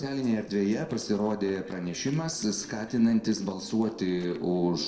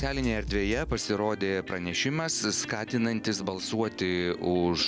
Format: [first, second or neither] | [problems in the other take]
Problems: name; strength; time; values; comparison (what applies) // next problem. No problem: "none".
second | noise reduction (neural separator model SepFormer DNS4)